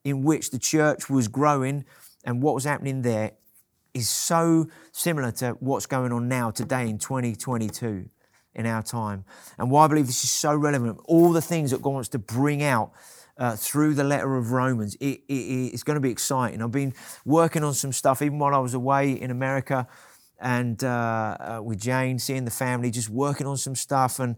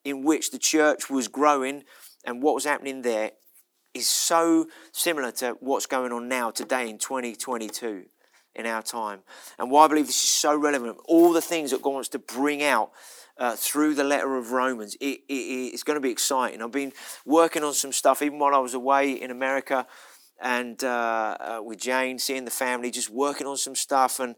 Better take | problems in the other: first | thin; somewhat; fading below 300 Hz

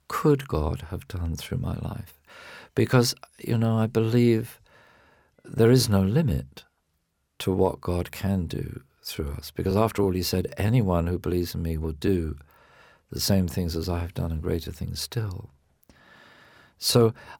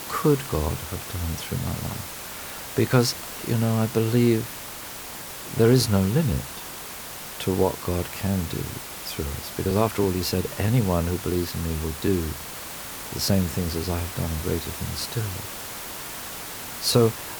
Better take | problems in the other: first | hiss; loud; throughout; 9 dB below the speech

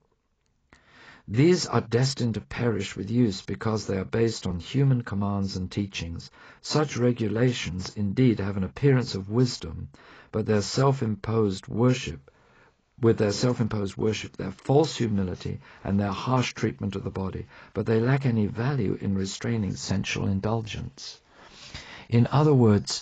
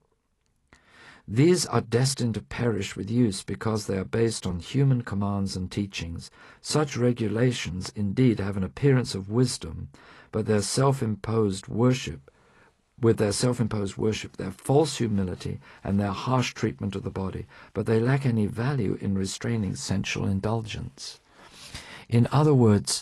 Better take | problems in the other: second | garbled, watery; badly; nothing above 7.5 kHz; slightly in the second

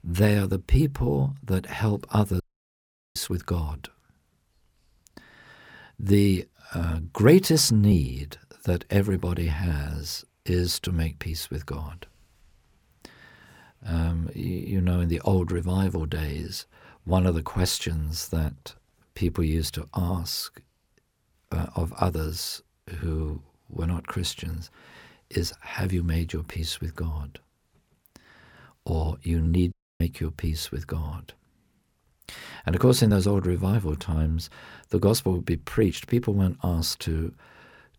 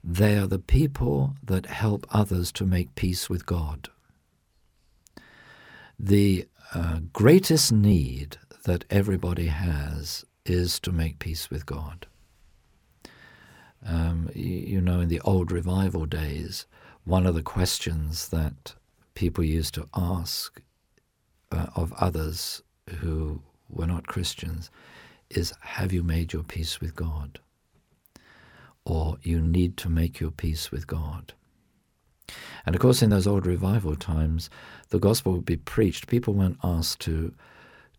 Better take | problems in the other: second | audio cutting out; at 2.5 s for 1 s and at 30 s

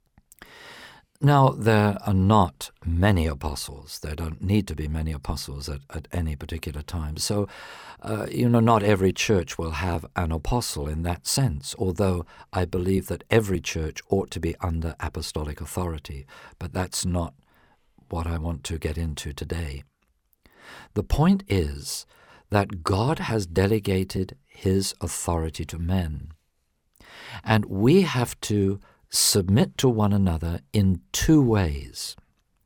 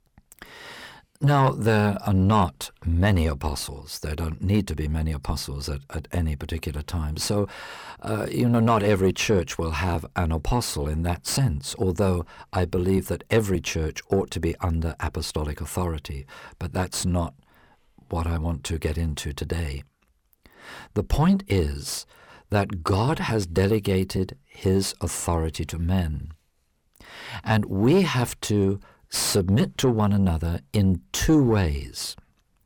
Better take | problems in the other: first | distortion; slight; 10 dB below the speech

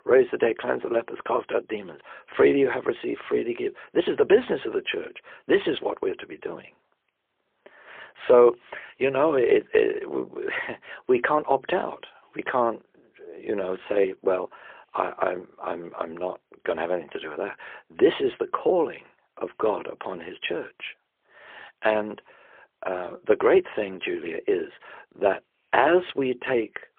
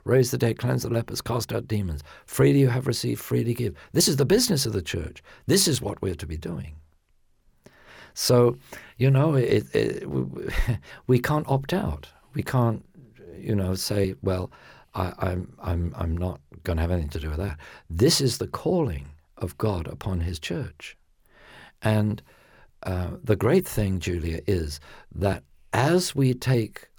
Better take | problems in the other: second | phone-call audio; poor line

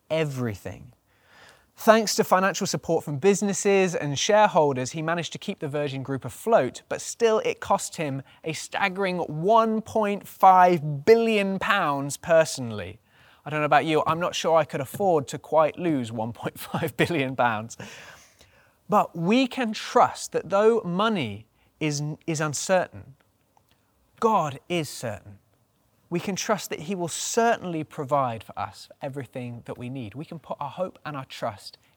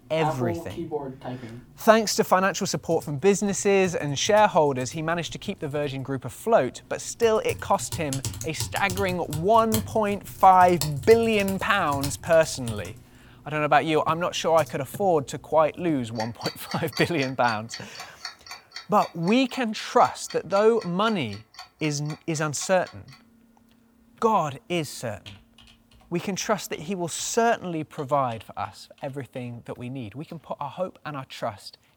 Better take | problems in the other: first | household noises; noticeable; throughout; 15 dB below the speech

